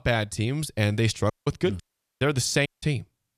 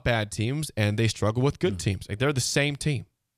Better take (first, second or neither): second